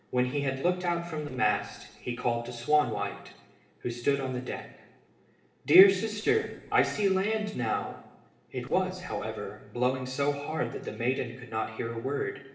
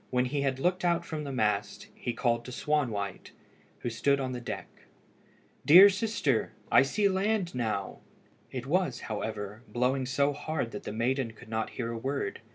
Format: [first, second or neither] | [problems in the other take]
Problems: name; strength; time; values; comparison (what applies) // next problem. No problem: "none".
second | noise reduction (neural separator model SepFormer DNS4)